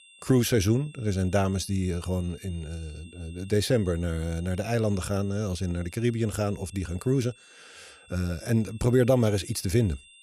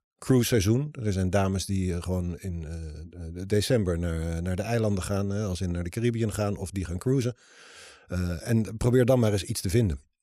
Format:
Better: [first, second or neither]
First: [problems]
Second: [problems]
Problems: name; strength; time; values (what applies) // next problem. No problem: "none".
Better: second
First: high-pitched whine; faint; throughout; 3 kHz, 25 dB below the speech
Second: none